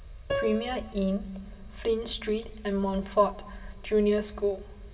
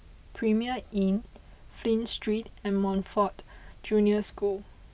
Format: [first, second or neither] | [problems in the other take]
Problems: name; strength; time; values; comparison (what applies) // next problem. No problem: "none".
second | background sound (Piano); 10 dB below the speech // room echo; dies away in 1.8 s